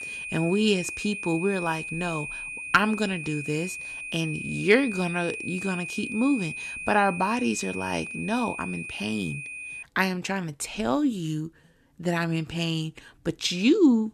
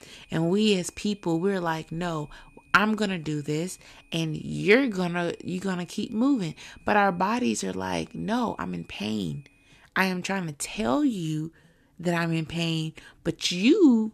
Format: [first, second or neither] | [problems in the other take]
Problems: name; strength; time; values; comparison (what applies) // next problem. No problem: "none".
second | high-pitched whine; loud; until 10 s; 2.5 kHz, 7 dB below the speech; faint in the second